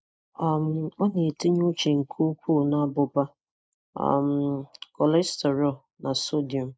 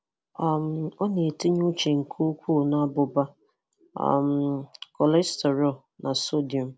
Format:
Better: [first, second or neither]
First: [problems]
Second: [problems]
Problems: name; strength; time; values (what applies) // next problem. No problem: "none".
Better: second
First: noise reduction (neural mask model Resemble Enhance denoiser)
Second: none